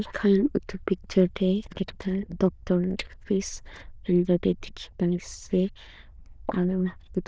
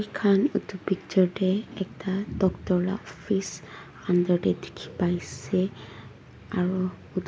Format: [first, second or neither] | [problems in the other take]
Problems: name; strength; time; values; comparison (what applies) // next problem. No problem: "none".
second | noise reduction (neural diffusion model UNIVERSE++)